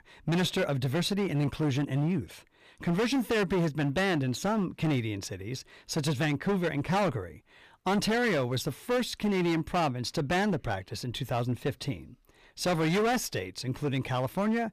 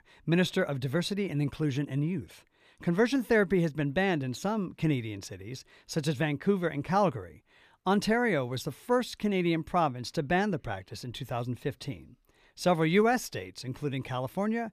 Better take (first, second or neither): second